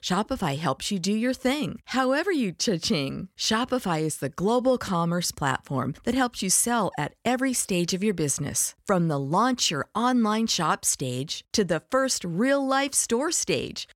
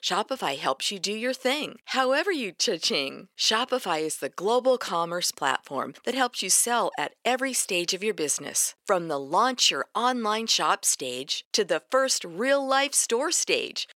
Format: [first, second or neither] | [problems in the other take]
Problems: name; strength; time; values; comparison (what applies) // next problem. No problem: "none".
first | thin; somewhat; fading below 450 Hz